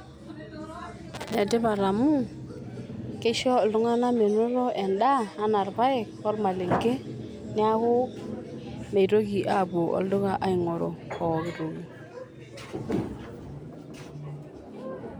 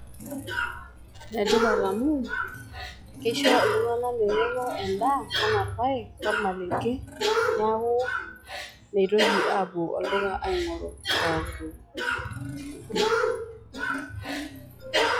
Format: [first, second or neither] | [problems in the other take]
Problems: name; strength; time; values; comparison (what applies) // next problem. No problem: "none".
first | noise reduction (classical method log-MMSE)